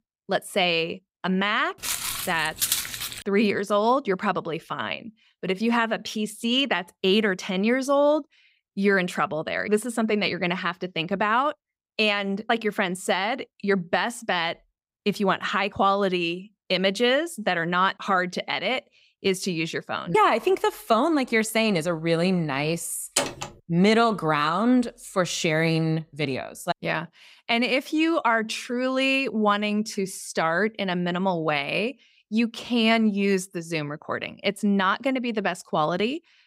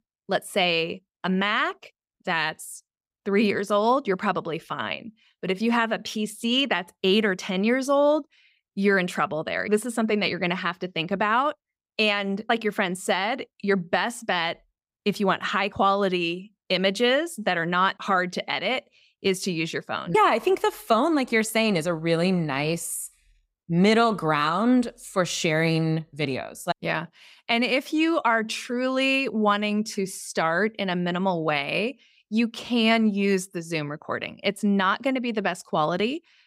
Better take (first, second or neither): second